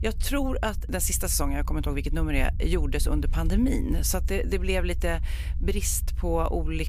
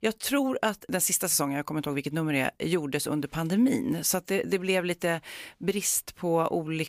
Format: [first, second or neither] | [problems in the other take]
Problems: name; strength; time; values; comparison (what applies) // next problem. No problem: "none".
second | low rumble; faint; throughout; 20 dB below the speech